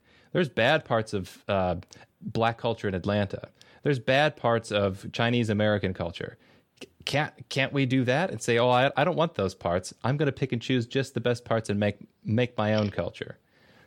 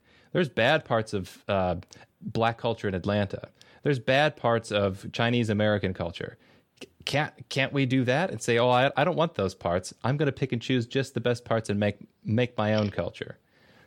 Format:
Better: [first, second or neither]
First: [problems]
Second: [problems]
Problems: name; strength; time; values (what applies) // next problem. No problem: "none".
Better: neither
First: none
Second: none